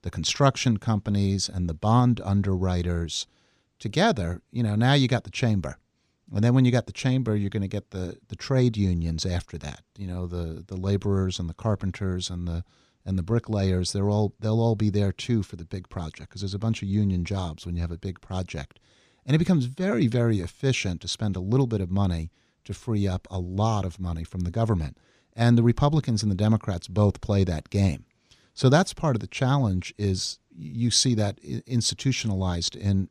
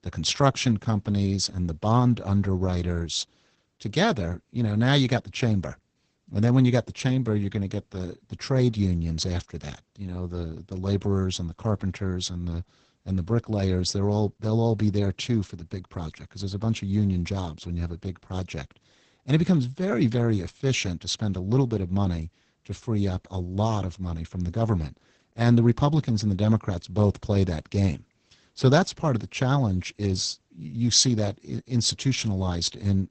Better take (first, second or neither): first